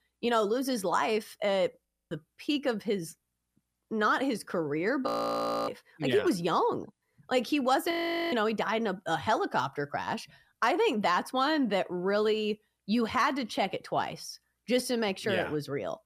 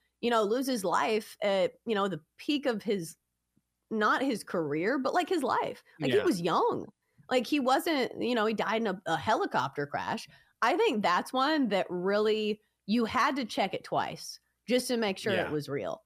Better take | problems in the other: second | audio freezing; at 2 s, at 5 s for 0.5 s and at 8 s

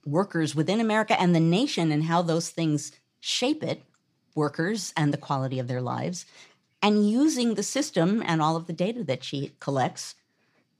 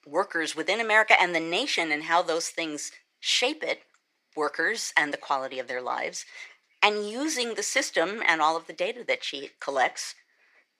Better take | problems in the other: first | thin; very; fading below 450 Hz

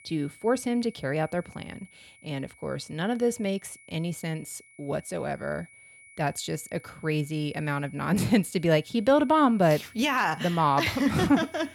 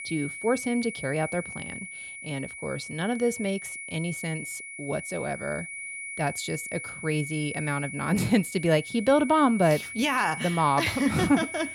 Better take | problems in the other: first | high-pitched whine; loud; throughout; 2 kHz, 9 dB below the speech; faint in the first

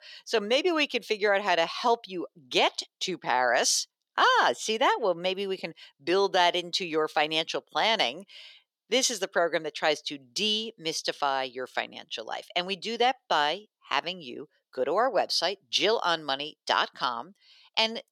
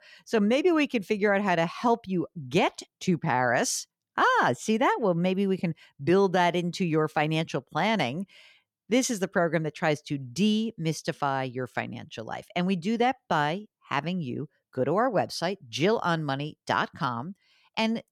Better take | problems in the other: second | thin; somewhat; fading below 500 Hz

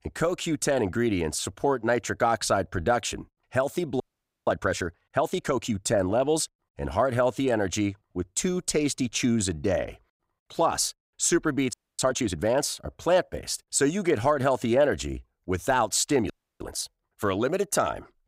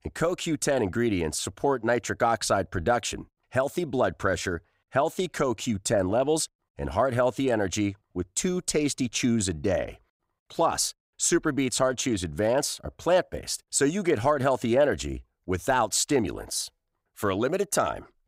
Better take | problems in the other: second | audio freezing; at 4 s, at 12 s and at 16 s

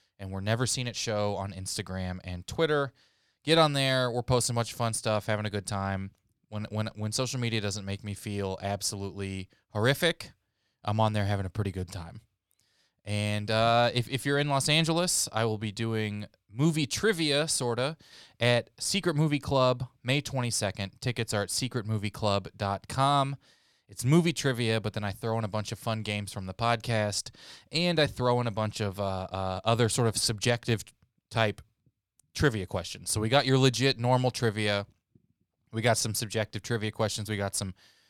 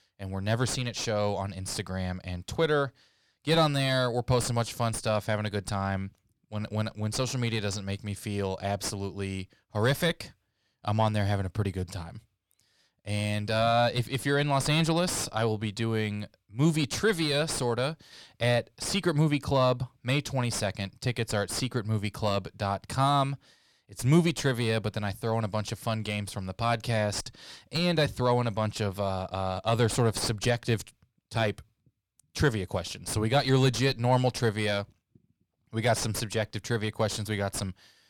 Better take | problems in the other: first | distortion; slight; 9 dB below the speech

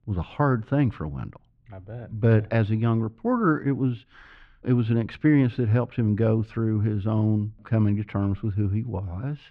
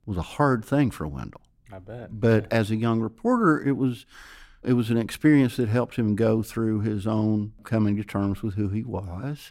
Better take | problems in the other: second | muffled; slightly; fading above 3 kHz

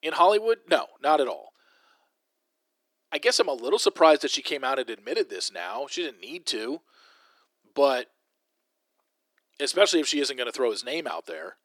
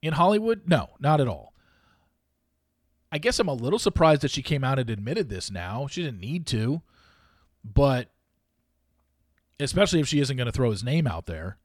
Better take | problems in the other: second | thin; very; fading below 350 Hz

